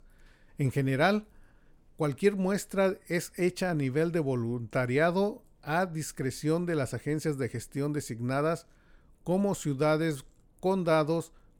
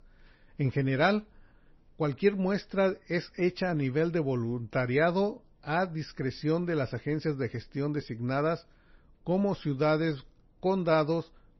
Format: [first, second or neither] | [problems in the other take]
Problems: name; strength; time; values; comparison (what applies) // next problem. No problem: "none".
first | garbled, watery; slightly; nothing above 5.5 kHz